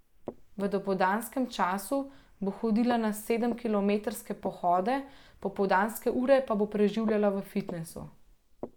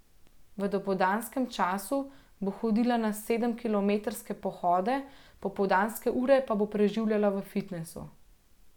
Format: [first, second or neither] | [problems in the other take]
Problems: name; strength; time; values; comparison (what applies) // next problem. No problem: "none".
second | noise reduction (neural mask model Resemble Enhance denoiser)